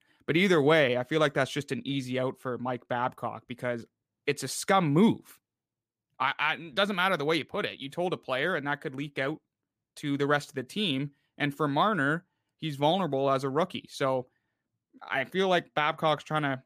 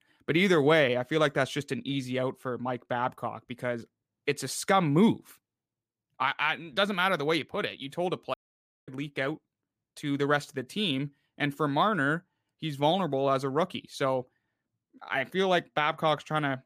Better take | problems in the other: first | audio cutting out; at 8.5 s for 0.5 s

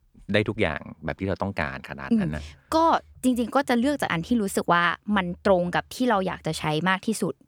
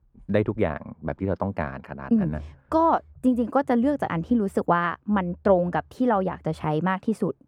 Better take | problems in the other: first | muffled; very; fading above 2 kHz

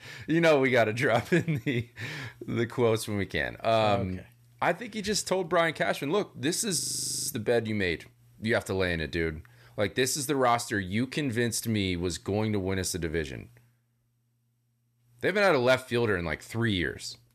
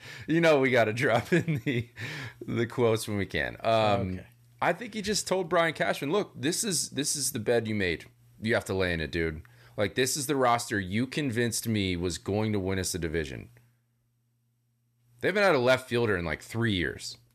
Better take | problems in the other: second | audio freezing; at 7 s

